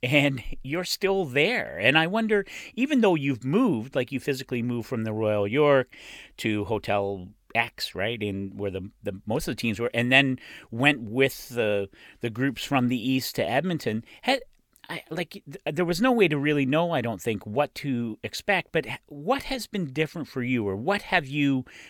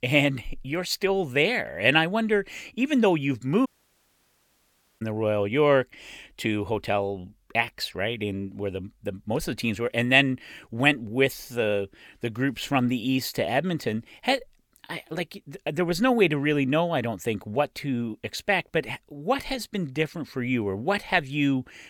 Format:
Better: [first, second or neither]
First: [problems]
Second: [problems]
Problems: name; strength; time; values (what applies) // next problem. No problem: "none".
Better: first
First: none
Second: audio cutting out; at 3.5 s for 1.5 s